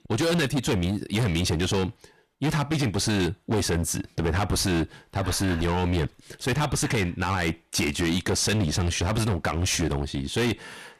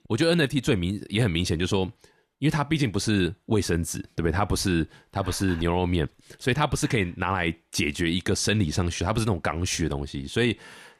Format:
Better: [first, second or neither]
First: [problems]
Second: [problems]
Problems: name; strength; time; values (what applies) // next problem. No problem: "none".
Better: second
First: distortion; heavy; 20% of the sound clipped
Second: none